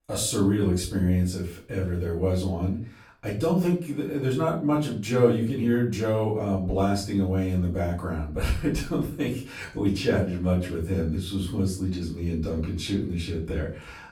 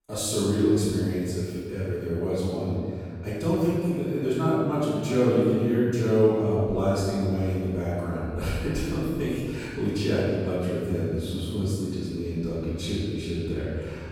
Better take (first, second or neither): first